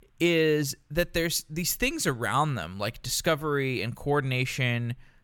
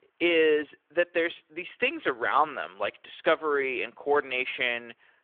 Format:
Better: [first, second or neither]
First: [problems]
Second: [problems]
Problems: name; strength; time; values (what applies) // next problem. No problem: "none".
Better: first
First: none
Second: phone-call audio